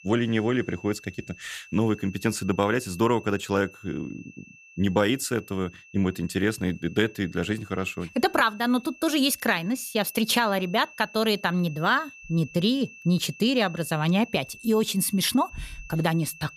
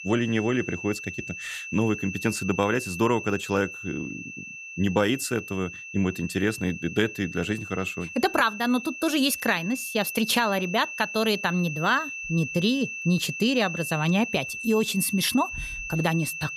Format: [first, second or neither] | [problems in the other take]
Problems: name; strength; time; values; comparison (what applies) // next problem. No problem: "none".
first | high-pitched whine; loud; throughout; 2.5 kHz, 8 dB below the speech; faint in the first